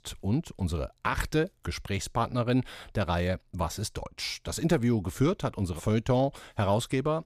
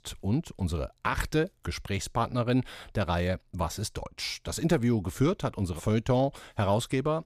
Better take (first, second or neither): neither